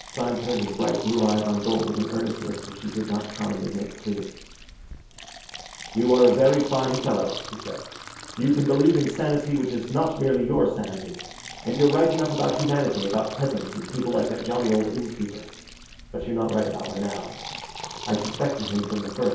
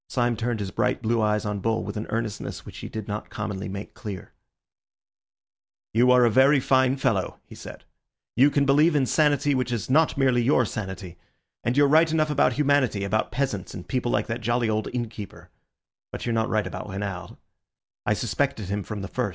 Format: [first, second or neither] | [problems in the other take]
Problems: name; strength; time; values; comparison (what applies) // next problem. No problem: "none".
second | background sound (Fill (with liquid)); 14 dB below the speech // room echo; dies away in 0.7 s